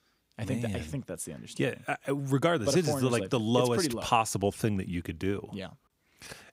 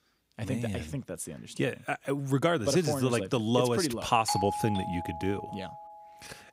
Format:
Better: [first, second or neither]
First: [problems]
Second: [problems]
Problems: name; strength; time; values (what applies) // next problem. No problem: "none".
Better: first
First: none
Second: doorbell; noticeable; from 4.5 to 6 s; peak 2 dB below the speech